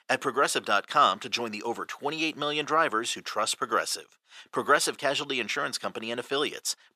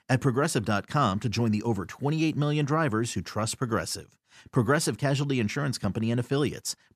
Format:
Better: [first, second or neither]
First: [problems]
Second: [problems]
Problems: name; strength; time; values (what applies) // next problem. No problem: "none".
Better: second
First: thin; very; fading below 550 Hz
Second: none